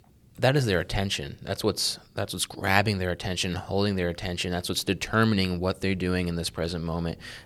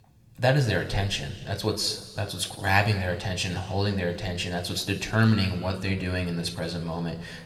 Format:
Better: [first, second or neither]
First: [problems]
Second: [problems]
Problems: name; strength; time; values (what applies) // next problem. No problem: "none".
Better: first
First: none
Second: room echo; slight; dies away in 1.4 s